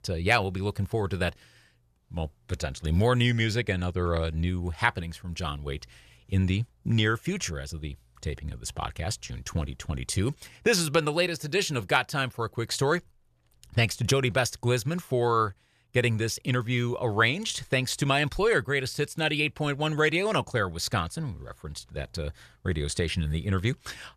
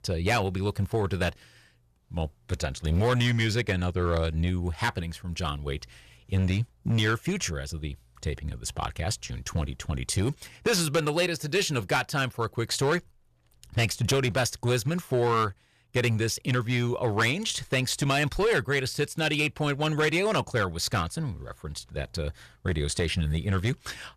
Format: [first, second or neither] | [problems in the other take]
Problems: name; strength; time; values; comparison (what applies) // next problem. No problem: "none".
first | distortion; slight; 6% of the sound clipped